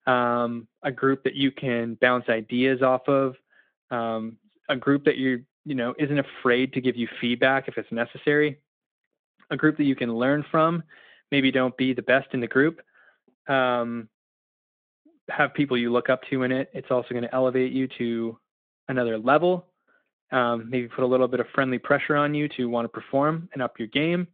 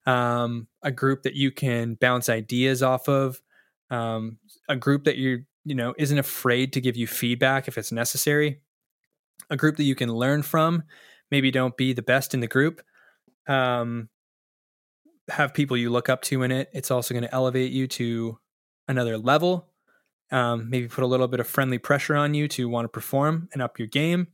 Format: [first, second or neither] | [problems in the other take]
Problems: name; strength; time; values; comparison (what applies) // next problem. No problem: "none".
second | phone-call audio; nothing above 3.5 kHz